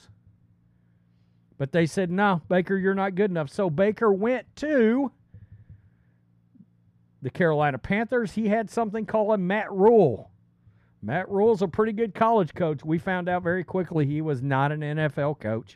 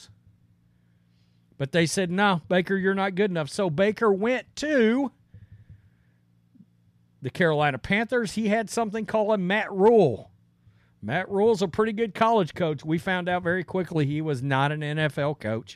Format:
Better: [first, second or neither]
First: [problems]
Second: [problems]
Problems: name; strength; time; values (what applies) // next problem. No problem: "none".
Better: second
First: muffled; slightly; fading above 2 kHz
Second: none